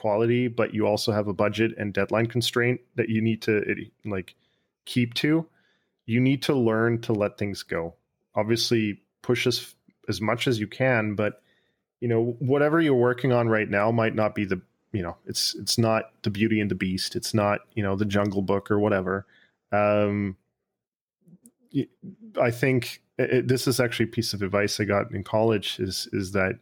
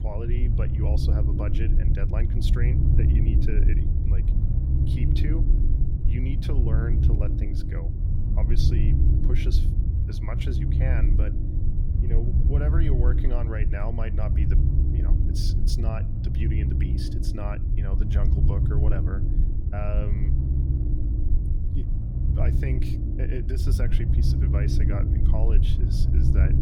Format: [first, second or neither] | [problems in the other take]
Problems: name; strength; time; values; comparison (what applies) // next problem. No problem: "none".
first | low rumble; loud; throughout; as loud as the speech